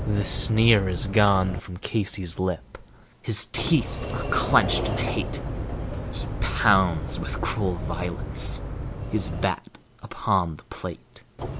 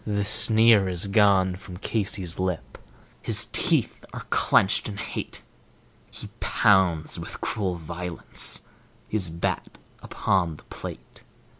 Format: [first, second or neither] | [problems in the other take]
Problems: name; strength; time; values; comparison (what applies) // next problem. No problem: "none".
second | background sound (Sliding door); 5 dB below the speech